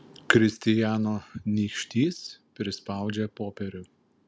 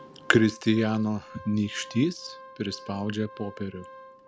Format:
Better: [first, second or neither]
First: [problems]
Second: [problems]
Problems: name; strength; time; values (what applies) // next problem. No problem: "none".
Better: first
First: none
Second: background sound (Organ); 20 dB below the speech